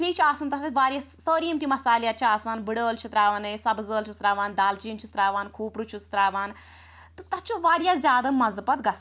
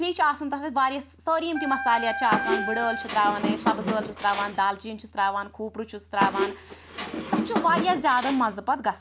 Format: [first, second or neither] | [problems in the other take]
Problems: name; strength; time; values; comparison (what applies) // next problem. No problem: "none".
first | background sound (Wind instrument, woodwind instrument + Squeak); 3 dB below the speech